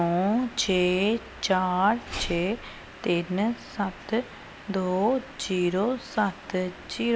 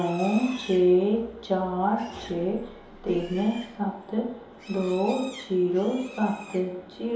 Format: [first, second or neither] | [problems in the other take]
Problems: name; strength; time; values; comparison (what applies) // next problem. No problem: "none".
first | background sound (Livestock, farm animals, working animals); 20 dB below the speech // room echo; dies away in 2.8 s